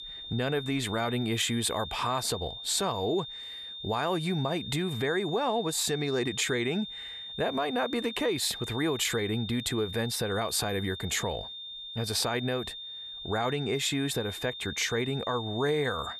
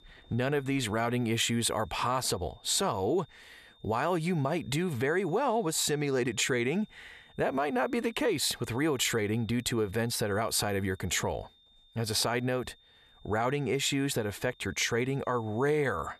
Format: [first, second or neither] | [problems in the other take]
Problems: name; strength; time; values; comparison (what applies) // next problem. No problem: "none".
second | high-pitched whine; loud; throughout; 3.5 kHz, 8 dB below the speech; faint in the second